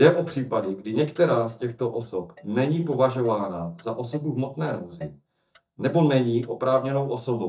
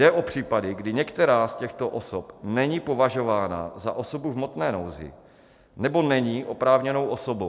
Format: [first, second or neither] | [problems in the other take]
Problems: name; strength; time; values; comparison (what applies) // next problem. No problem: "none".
second | noise reduction (neural mask model DeepFilterNet 3)